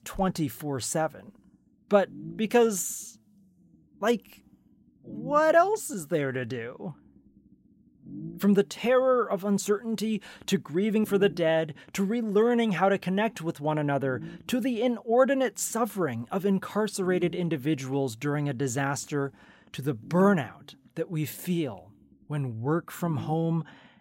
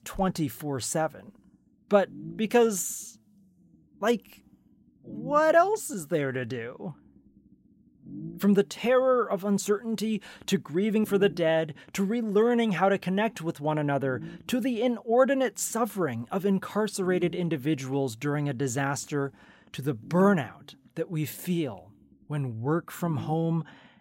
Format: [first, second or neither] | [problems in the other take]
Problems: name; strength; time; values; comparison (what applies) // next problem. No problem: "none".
neither | low rumble; faint; throughout; 25 dB below the speech; the same in both